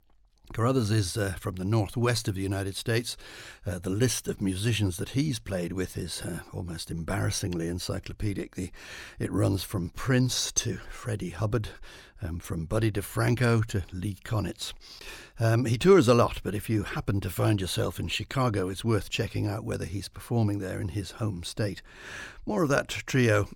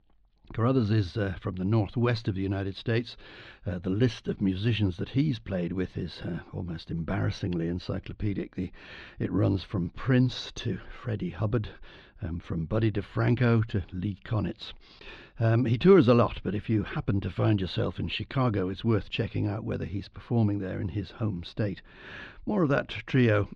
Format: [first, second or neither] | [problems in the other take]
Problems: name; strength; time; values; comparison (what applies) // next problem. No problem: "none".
first | muffled; slightly; fading above 3.5 kHz